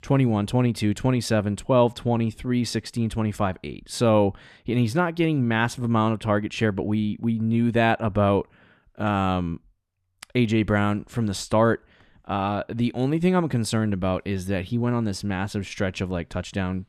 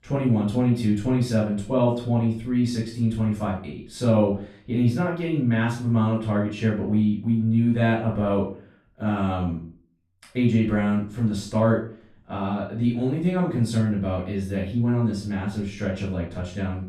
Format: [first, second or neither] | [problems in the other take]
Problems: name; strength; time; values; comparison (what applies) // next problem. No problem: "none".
first | off-mic speech; far // room echo; noticeable; dies away in 0.4 s